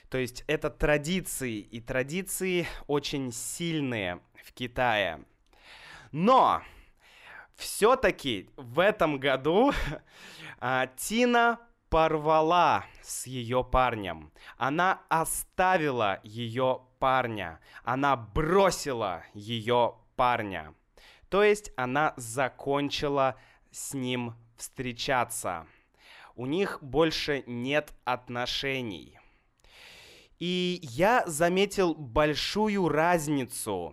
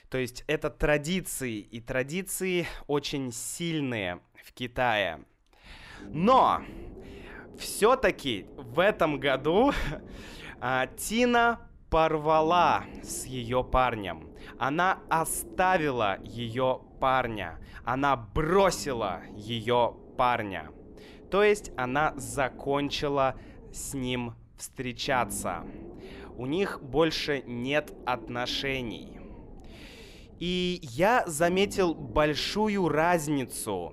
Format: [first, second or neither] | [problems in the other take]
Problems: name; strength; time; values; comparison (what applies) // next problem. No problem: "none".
first | low rumble; faint; from 5.5 s on; 25 dB below the speech